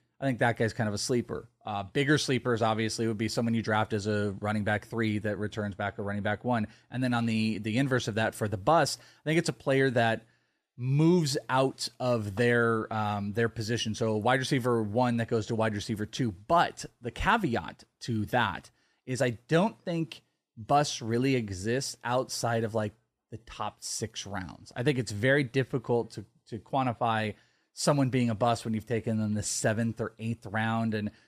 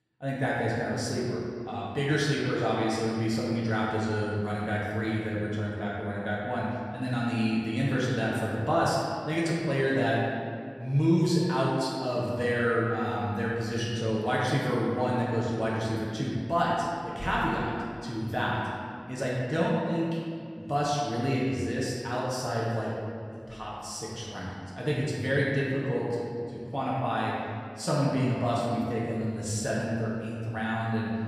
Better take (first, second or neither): first